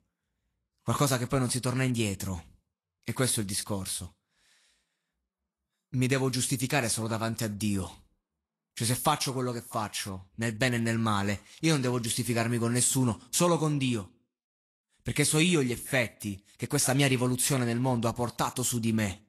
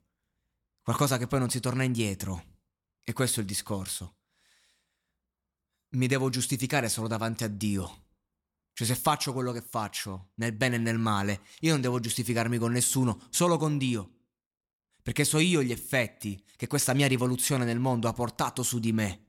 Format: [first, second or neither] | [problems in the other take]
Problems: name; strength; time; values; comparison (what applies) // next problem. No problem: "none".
second | garbled, watery; slightly; nothing above 12.5 kHz